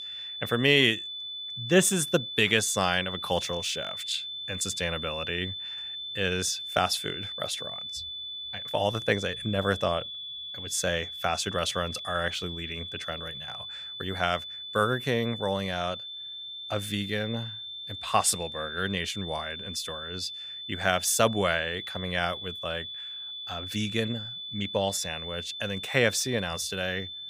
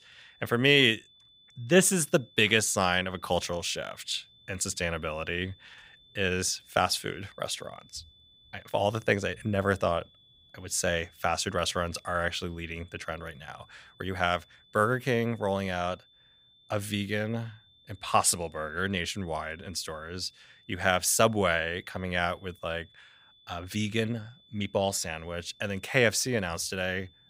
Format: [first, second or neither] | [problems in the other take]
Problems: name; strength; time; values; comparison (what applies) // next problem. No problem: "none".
second | high-pitched whine; loud; throughout; 3.5 kHz, 7 dB below the speech; faint in the second